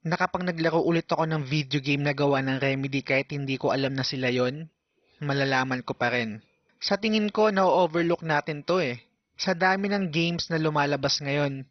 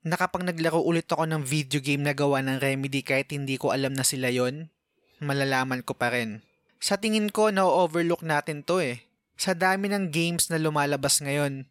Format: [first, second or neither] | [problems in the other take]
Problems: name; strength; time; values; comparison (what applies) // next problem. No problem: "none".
second | garbled, watery; badly; nothing above 6 kHz